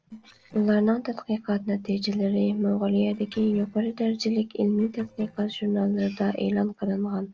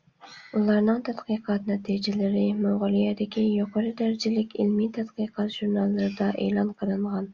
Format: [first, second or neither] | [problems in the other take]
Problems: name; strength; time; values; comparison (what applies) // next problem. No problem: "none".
second | noise reduction (neural separator model SepFormer DNS4)